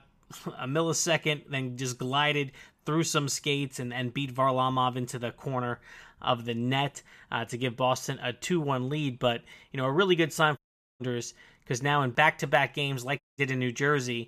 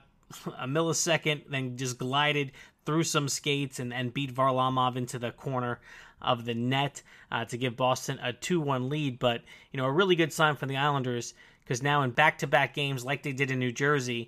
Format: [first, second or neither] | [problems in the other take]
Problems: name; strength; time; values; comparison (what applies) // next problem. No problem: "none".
second | audio cutting out; at 11 s and at 13 s